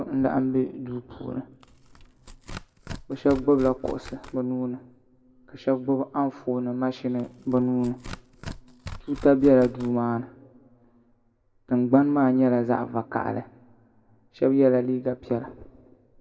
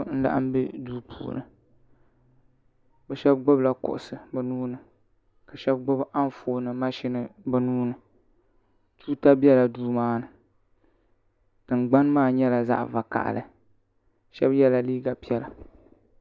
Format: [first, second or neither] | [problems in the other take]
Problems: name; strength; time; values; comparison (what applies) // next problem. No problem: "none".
second | background sound (Tearing); 16 dB below the speech // room echo; dies away in 0.8 s